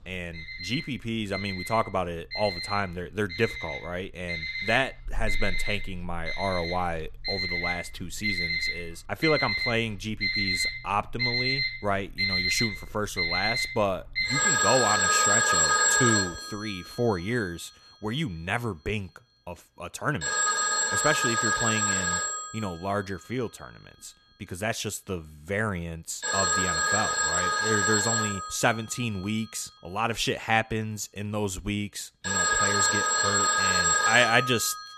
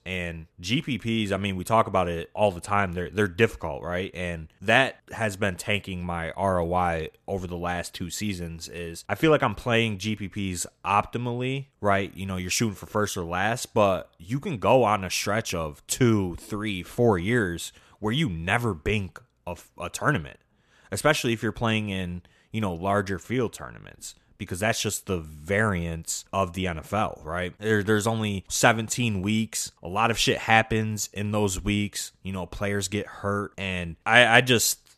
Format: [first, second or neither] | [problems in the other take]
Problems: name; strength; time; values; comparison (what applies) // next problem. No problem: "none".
second | alarms or sirens; very loud; throughout; 5 dB above the speech